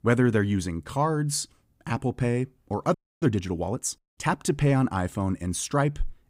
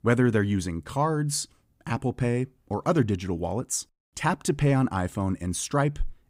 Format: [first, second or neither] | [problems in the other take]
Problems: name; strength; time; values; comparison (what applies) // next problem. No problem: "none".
second | audio freezing; at 3 s